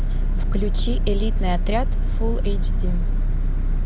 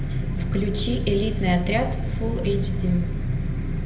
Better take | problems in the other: first | room echo; dies away in 0.7 s

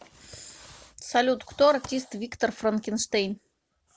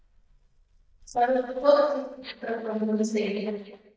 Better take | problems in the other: first | noise reduction (neural mask model DeepFilterNet 3)

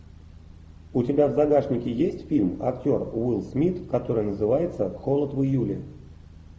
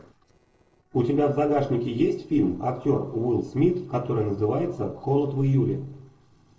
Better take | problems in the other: first | noise reduction (neural separator model SepFormer DNS4)

